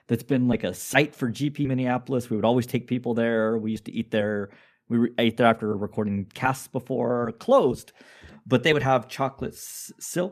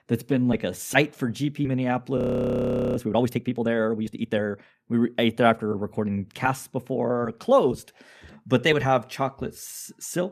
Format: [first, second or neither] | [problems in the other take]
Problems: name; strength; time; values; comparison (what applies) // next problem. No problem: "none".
first | audio freezing; at 2 s for 1 s